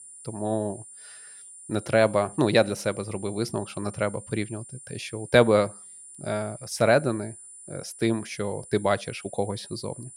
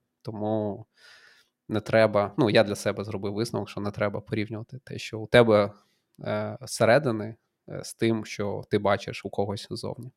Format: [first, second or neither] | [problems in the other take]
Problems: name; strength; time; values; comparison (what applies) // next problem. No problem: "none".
second | high-pitched whine; noticeable; throughout; 9.5 kHz, 15 dB below the speech